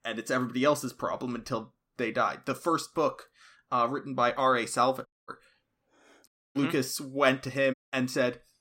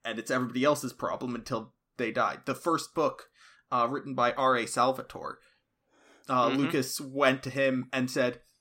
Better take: second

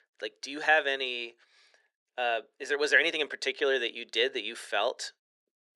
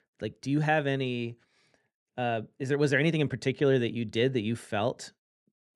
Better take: second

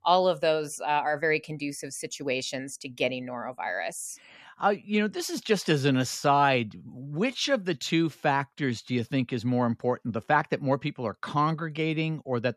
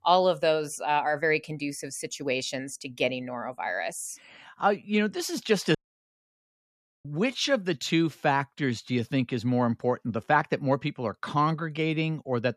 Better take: first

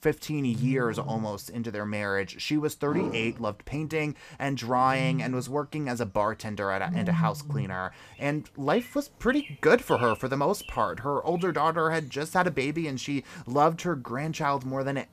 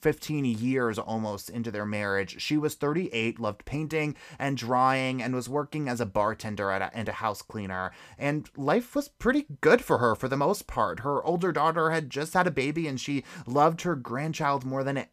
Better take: second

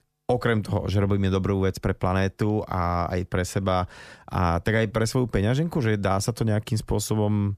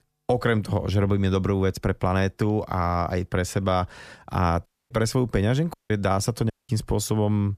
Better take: first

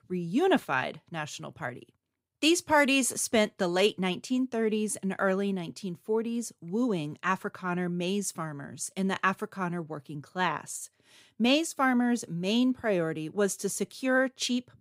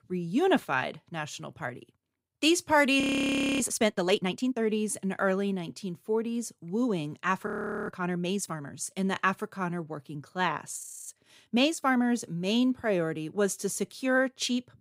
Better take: first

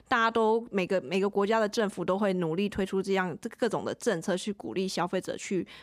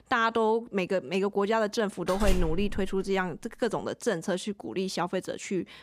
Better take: first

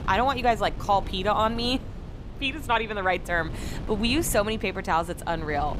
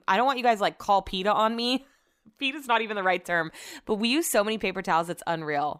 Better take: second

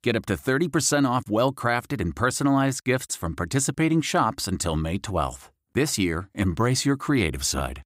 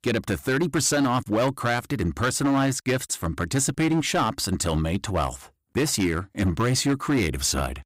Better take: first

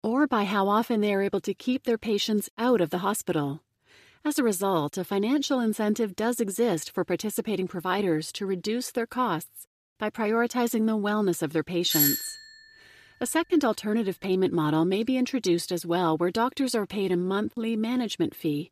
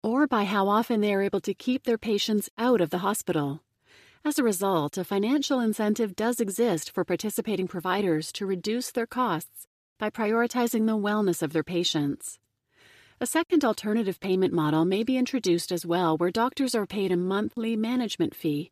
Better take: second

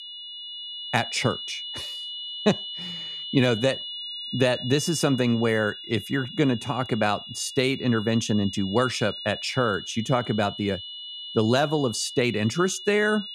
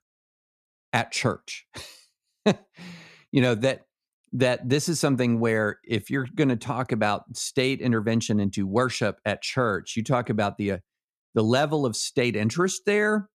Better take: second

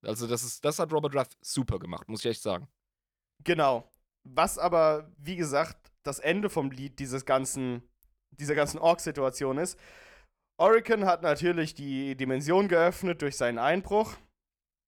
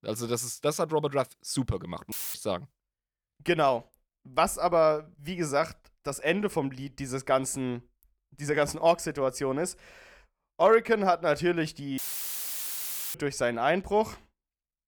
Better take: first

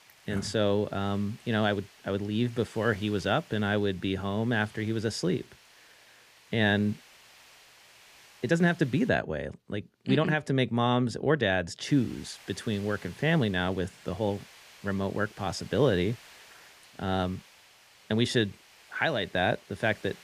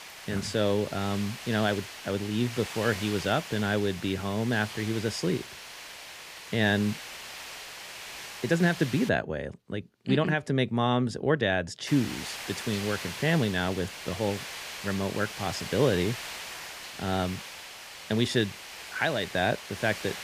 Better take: first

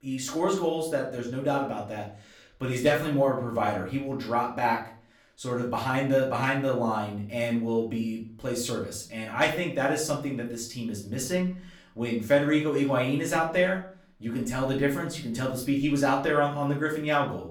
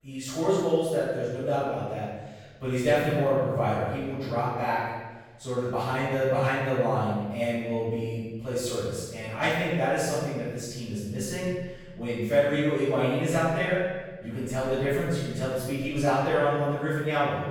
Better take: first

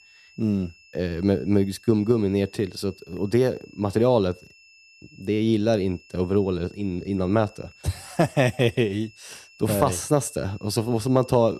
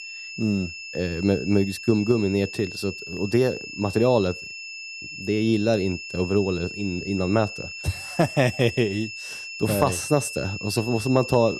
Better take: first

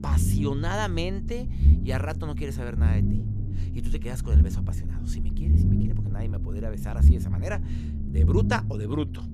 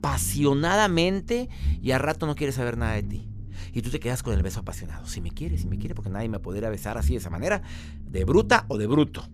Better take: second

